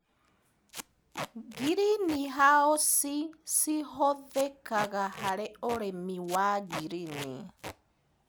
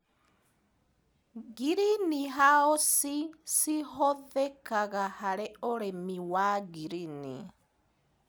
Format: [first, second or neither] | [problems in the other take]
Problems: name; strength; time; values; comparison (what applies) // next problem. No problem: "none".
second | background sound (Packing tape, duct tape); 14 dB below the speech